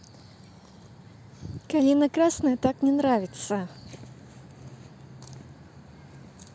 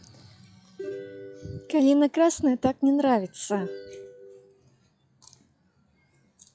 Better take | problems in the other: first | noise reduction (classical method log-MMSE)

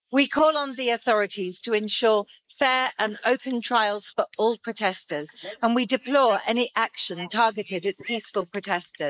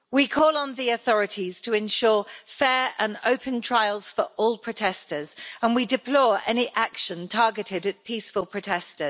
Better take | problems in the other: second | noise reduction (neural mask model Resemble Enhance denoiser)

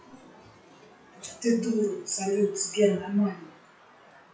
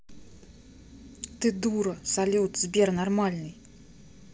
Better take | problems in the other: second | noise reduction (classical method WPE with log-MMSE)

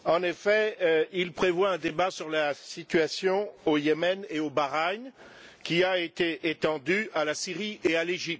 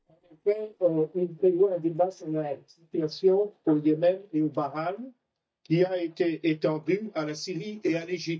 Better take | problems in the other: first | noise reduction (neural mask model DeepFilterNet 3)

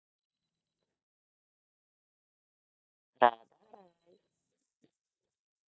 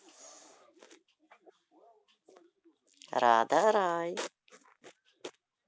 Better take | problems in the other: second | noise reduction (neural mask model DeepFilterNet 3)

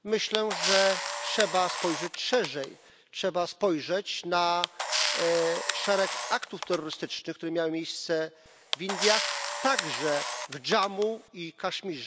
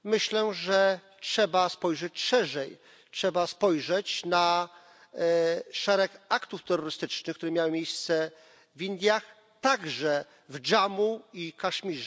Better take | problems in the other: second | background sound (Camera); 3 dB below the speech

